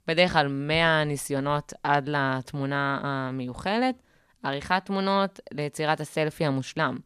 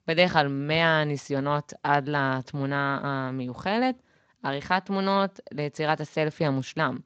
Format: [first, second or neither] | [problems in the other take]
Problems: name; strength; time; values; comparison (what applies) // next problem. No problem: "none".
first | garbled, watery; slightly; nothing above 7.5 kHz